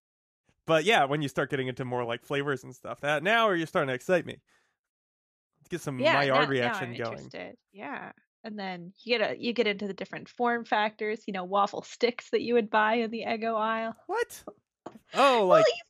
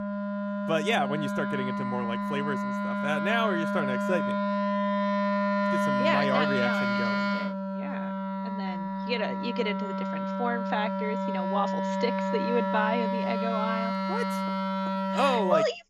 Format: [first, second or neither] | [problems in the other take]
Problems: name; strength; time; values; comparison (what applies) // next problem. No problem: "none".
first | background music; very loud; throughout; 2 dB above the speech